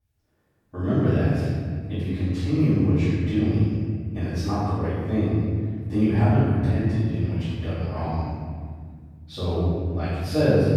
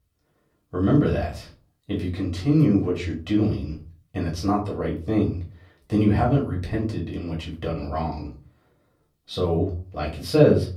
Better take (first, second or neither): second